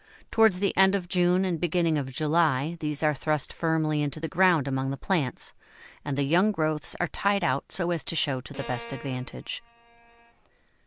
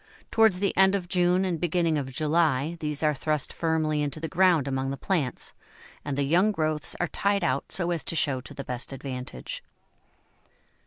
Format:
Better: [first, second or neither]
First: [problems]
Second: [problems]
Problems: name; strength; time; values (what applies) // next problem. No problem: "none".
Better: second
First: background sound (Bowed string instrument); 17 dB below the speech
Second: none